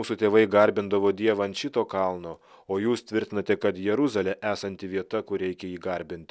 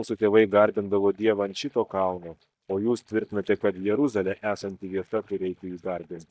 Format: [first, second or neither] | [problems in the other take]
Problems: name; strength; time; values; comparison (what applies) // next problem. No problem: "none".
first | noise reduction (neural mask model DeepFilterNet 3)